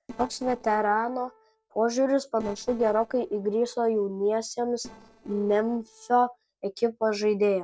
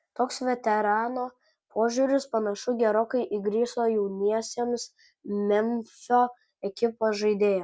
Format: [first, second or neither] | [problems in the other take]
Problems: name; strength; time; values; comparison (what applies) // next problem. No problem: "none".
second | noise reduction (neural separator model SepFormer DNS4)